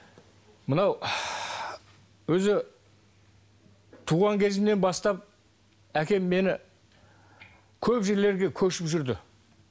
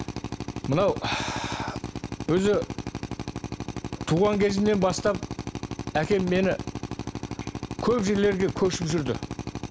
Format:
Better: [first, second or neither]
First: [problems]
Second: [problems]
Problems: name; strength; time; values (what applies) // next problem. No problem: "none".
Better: first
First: none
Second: background sound (Drill); 7 dB below the speech